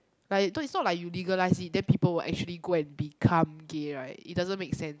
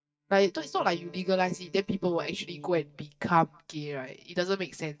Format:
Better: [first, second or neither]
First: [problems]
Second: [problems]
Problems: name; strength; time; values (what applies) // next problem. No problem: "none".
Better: first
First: none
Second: noise reduction (neural mask model DeepFilterNet 3)